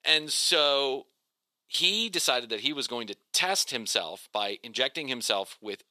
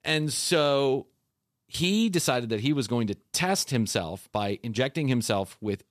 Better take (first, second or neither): second